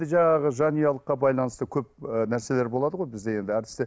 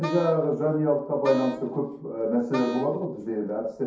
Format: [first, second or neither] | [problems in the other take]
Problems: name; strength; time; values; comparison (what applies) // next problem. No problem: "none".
first | background sound (Wind instrument, woodwind instrument); 12 dB below the speech // room echo; dies away in 0.6 s